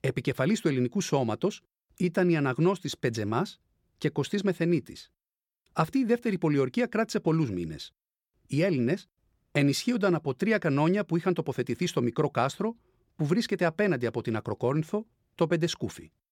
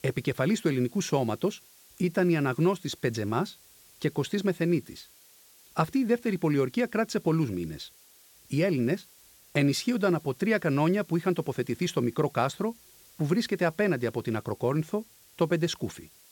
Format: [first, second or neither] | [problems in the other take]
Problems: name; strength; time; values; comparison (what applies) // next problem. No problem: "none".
first | hiss; faint; throughout; 25 dB below the speech